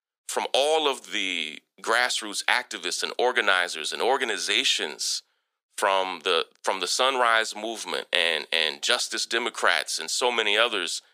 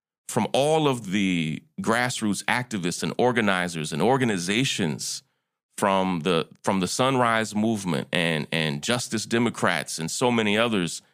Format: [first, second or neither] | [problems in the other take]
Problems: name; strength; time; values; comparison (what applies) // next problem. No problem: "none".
second | thin; very; fading below 400 Hz